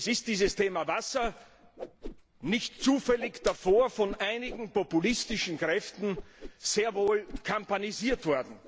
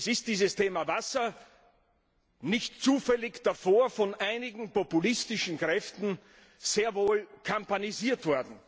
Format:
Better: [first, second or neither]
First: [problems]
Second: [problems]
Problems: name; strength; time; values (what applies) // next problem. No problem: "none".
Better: second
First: background sound (Whoosh, swoosh, swish); 15 dB below the speech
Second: none